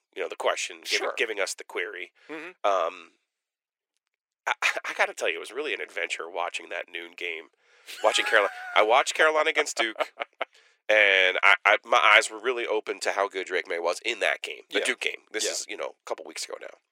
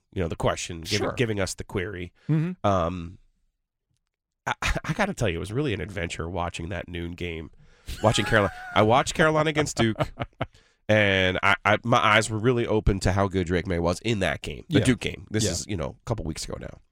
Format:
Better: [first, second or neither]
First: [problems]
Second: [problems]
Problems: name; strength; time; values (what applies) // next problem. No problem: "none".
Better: second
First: thin; very; fading below 400 Hz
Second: none